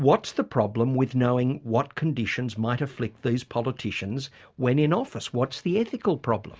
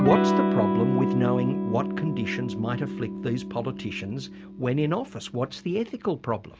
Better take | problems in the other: first | background sound (Electric guitar / Strum); as loud as the speech

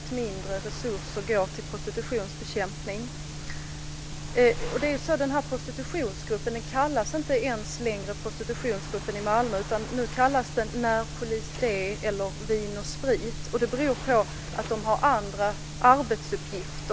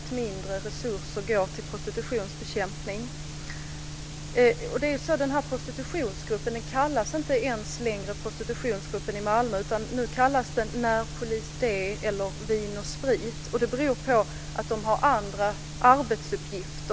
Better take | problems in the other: second | background sound (Waves, surf); 15 dB below the speech

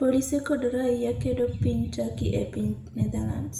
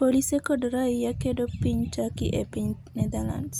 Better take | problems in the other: second | room echo; dies away in 0.7 s

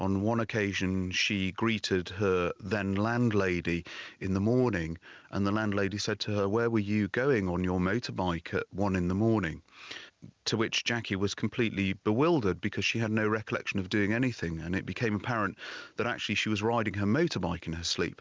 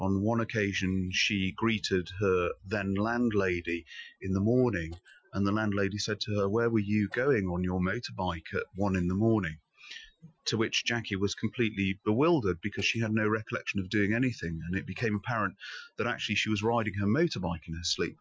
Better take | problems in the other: first | noise reduction (classical method Wiener filter)

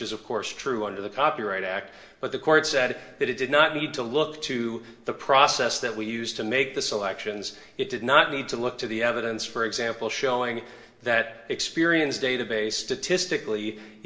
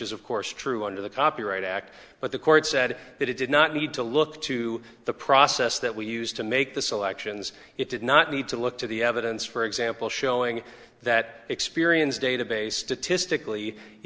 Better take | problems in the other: second | room echo; dies away in 0.6 s

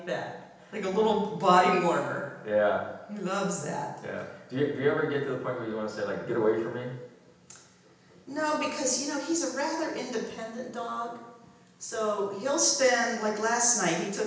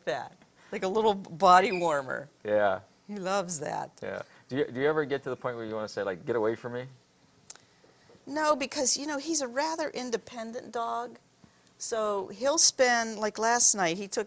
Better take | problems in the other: second | room echo; dies away in 0.9 s

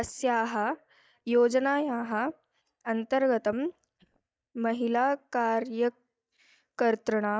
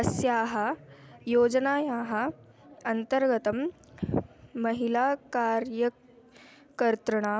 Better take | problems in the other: second | noise reduction (neural mask model DeepFilterNet 3)

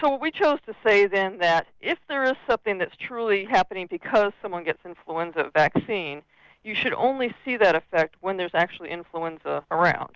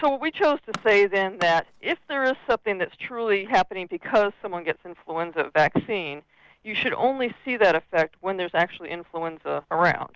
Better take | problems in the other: first | background sound (Tools); 17 dB below the speech

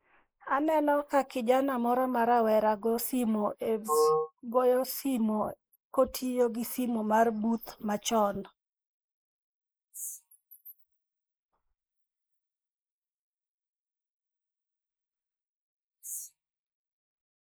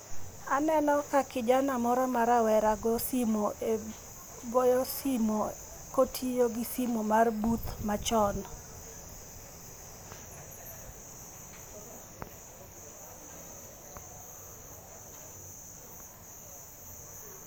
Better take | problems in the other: second | noise reduction (neural mask model Resemble Enhance denoiser)

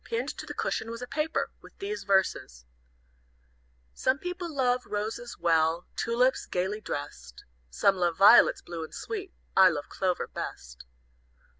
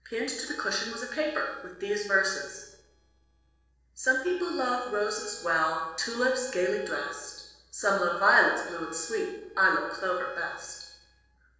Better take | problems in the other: first | noise reduction (neural separator model SepFormer DNS4)

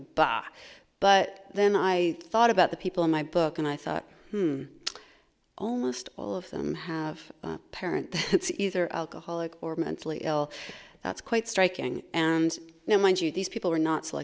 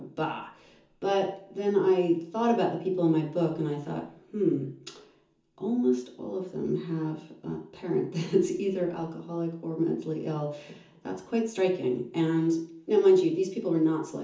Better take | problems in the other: first | room echo; dies away in 0.6 s

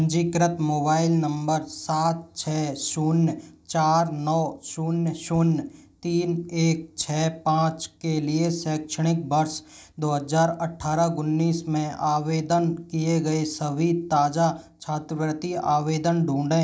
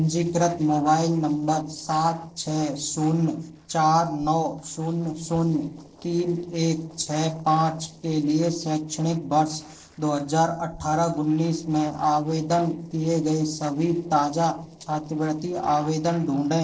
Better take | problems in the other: first | noise reduction (neural separator model SepFormer DNS4)

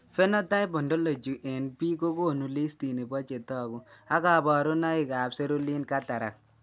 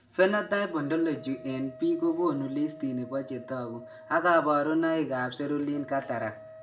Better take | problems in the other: first | background sound (Wind instrument, woodwind instrument); 20 dB below the speech // room echo; dies away in 0.7 s

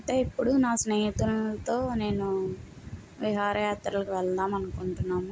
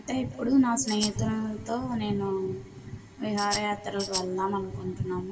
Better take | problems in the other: first | background sound (Tambourine); 5 dB below the speech // room echo; dies away in 2 s

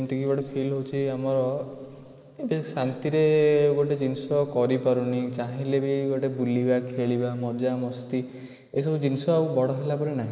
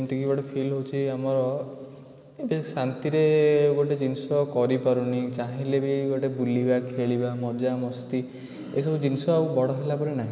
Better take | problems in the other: second | noise reduction (neural mask model Resemble Enhance denoiser)

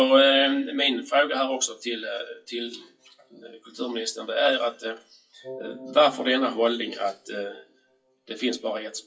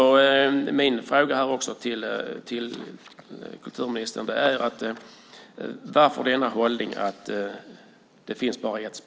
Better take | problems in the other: second | noise reduction (classical method WPE with log-MMSE)

